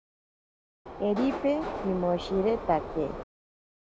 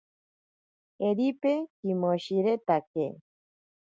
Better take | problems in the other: second | background sound (Subway, metro, underground); 6 dB below the speech

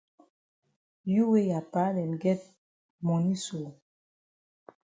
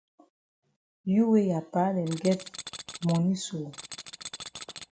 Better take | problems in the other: first | background sound (Tools); 12 dB below the speech

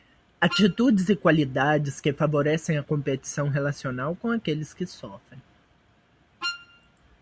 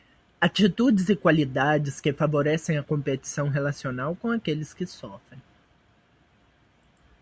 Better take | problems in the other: second | background sound (Wind instrument, woodwind instrument); 10 dB below the speech

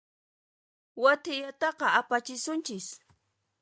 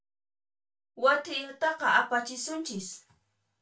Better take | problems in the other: first | room echo; dies away in 0.2 s

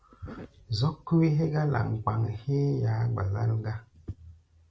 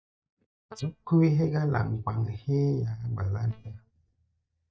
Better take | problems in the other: first | noise reduction (neural mask model DeepFilterNet 3)

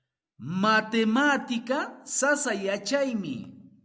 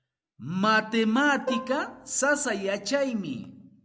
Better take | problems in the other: first | background sound (Plucked string instrument); 11 dB below the speech

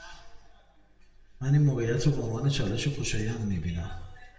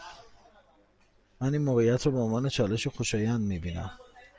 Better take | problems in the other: second | room echo; dies away in 0.7 s

